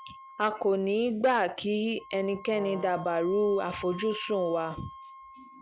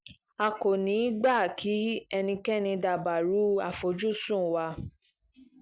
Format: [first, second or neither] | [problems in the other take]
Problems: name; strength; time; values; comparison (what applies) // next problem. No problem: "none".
second | background sound (Wind instrument, woodwind instrument + Brass instrument); 16 dB below the speech